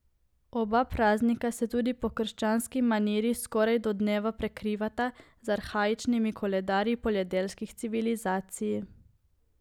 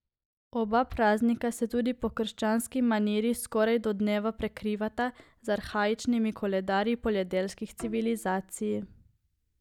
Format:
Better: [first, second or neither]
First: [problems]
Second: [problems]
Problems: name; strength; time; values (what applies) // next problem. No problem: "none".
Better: first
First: none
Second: noise reduction (neural mask model DeepFilterNet 3)